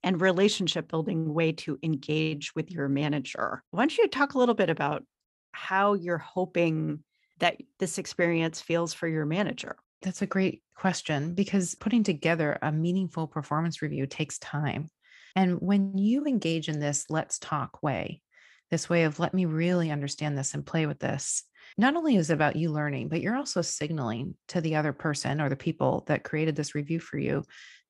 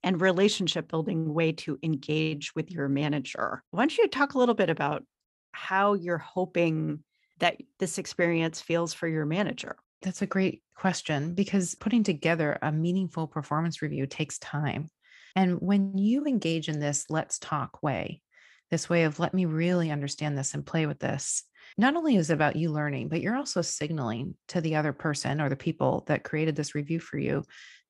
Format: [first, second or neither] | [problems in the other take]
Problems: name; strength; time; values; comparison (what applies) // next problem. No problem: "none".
neither | none